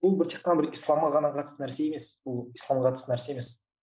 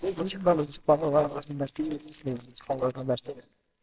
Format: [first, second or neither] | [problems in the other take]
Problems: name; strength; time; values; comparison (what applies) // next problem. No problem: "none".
first | noise reduction (neural separator model SepFormer WHAMR!)